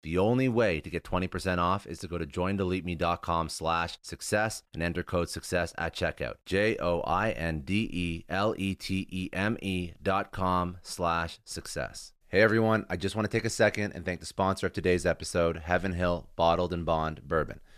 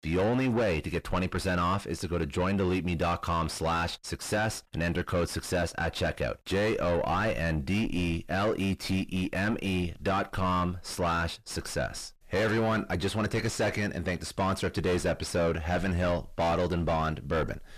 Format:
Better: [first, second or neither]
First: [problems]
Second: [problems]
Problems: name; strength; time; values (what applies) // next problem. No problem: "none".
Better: first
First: none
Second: distortion; heavy; 6 dB below the speech